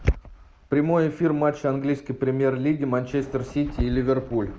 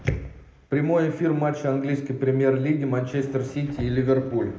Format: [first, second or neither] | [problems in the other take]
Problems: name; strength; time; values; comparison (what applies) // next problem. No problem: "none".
first | room echo; dies away in 0.7 s